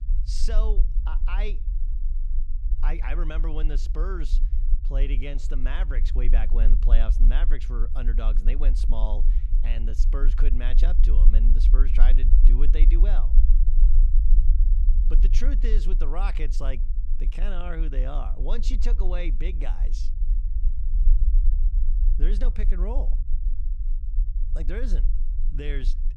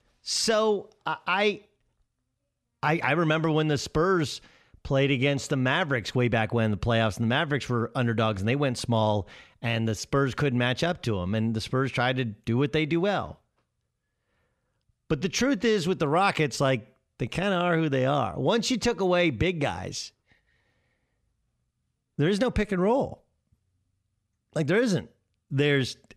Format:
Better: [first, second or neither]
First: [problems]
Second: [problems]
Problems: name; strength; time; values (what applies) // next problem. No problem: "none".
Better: second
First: low rumble; noticeable; throughout; 10 dB below the speech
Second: none